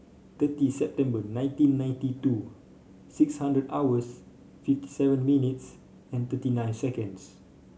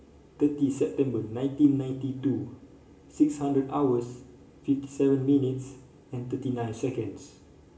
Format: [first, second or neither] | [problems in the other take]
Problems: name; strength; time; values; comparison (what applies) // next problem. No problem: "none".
first | room echo; dies away in 0.6 s